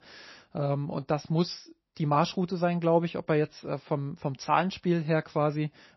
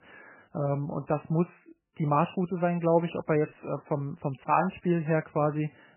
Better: first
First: garbled, watery; slightly; nothing above 5.5 kHz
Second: garbled, watery; badly; nothing above 3 kHz

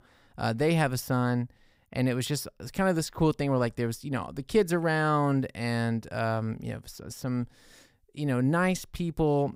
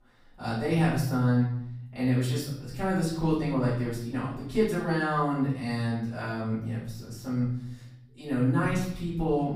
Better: first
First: none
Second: off-mic speech; far // room echo; noticeable; dies away in 0.8 s

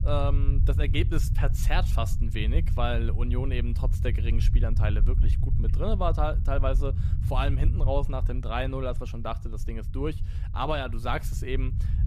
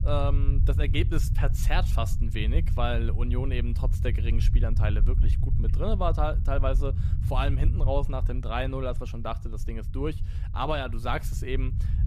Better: neither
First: low rumble; noticeable; throughout; 10 dB below the speech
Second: low rumble; noticeable; throughout; 10 dB below the speech

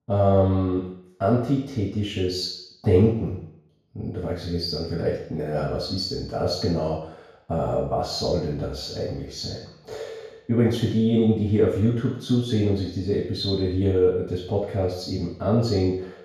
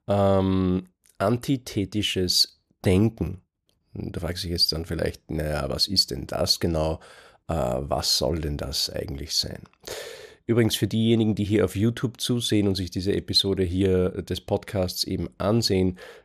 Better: second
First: room echo; noticeable; dies away in 0.7 s // off-mic speech; far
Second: none

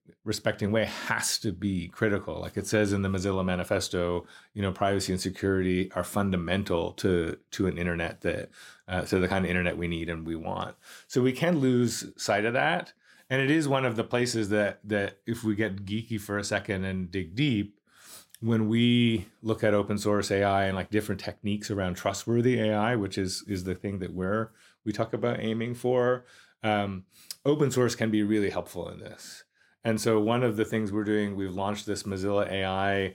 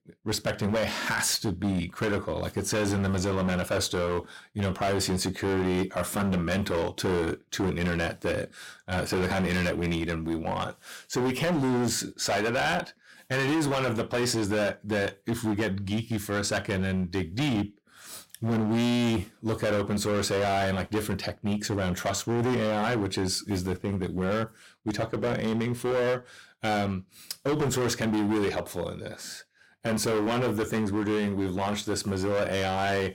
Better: first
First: none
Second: distortion; heavy; 19% of the sound clipped

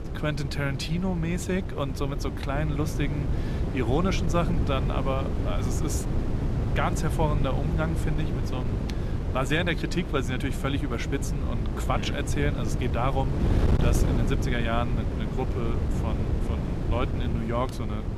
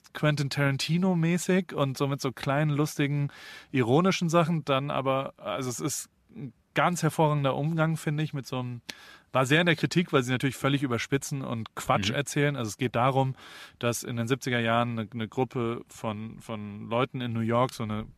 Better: second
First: wind noise on the microphone; heavy; 6 dB below the speech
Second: none

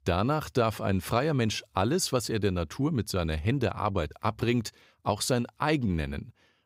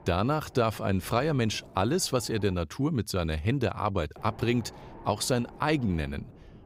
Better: first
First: none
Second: wind noise on the microphone; occasional gusts; until 2.5 s and from 4 s on; 20 dB below the speech

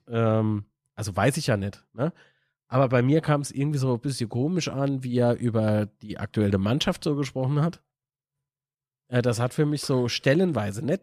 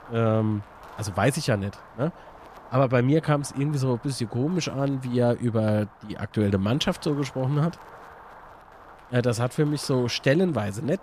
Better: first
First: none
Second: wind noise on the microphone; occasional gusts; 20 dB below the speech

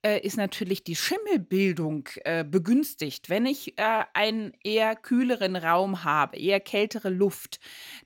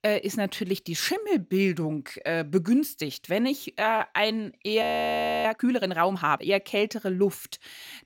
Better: first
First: none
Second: audio freezing; at 5 s for 0.5 s

